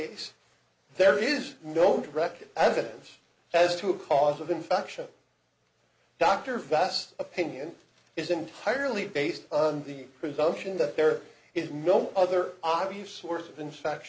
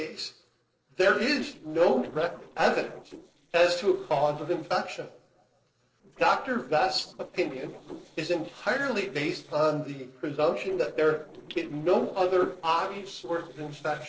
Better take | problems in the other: first | noise reduction (neural separator model SepFormer DNS4)

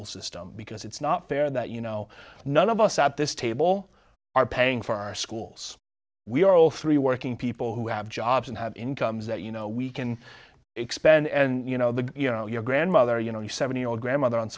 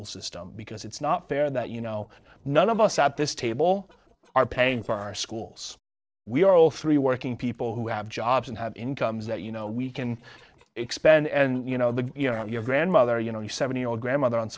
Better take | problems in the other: first | noise reduction (neural separator model SepFormer DNS4)

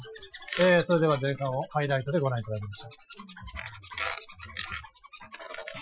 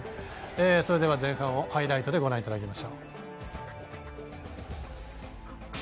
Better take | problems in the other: second | noise reduction (classical method Wiener filter)

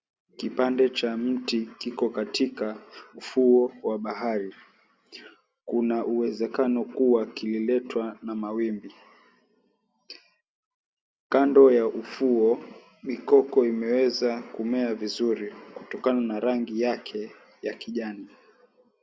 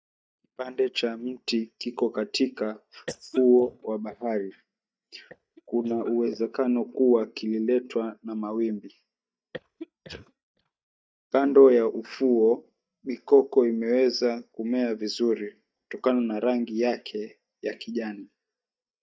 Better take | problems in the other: first | noise reduction (neural mask model DeepFilterNet 3)

